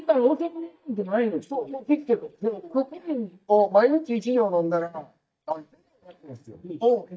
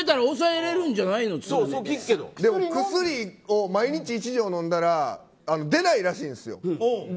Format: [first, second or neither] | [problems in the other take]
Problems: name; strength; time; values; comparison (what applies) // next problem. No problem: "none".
second | noise reduction (neural mask model DeepFilterNet 3)